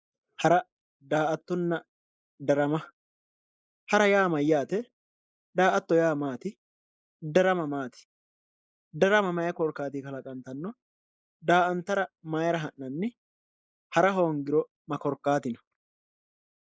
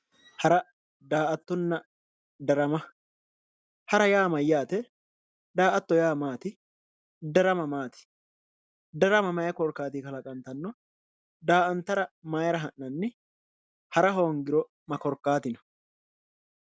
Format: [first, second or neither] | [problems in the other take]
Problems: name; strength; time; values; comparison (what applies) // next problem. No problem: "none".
second | noise reduction (neural mask model Resemble Enhance denoiser)